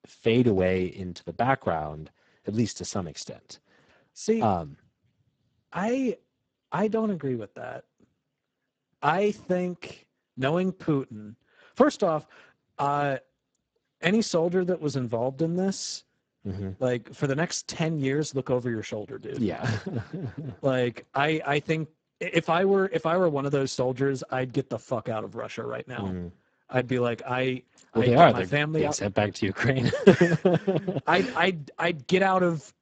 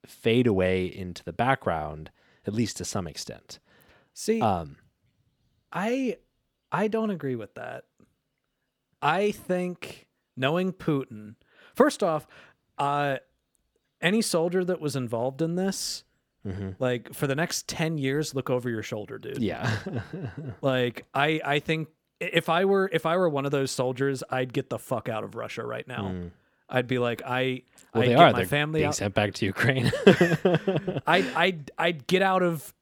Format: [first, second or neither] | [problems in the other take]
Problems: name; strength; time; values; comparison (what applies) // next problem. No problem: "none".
second | garbled, watery; badly; nothing above 7.5 kHz